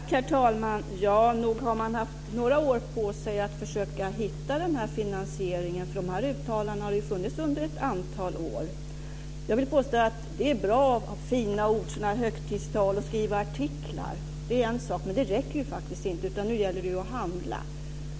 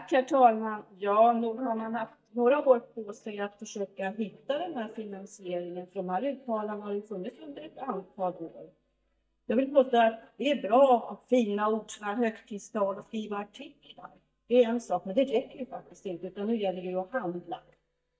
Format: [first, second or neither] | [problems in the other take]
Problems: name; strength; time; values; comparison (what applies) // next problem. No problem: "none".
first | noise reduction (neural mask model DeepFilterNet 3)